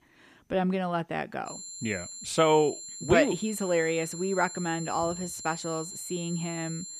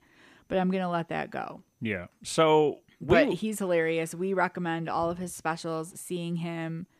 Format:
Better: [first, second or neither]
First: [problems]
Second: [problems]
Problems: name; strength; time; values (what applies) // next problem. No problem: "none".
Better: second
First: high-pitched whine; loud; from 1.5 s on; 7.5 kHz, 10 dB below the speech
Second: none